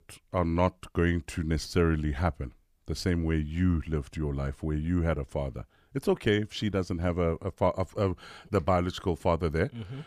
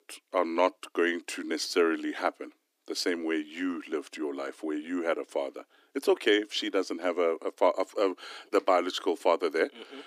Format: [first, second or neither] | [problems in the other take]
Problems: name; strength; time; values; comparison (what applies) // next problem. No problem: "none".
first | thin; somewhat; fading below 300 Hz